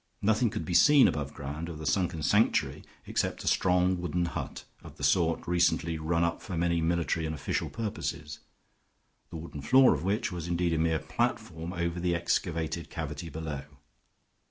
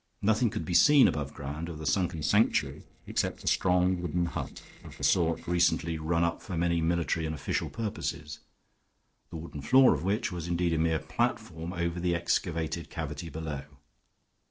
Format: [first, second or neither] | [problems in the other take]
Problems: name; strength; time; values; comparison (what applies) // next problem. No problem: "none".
first | noise reduction (neural separator model SepFormer DNS4)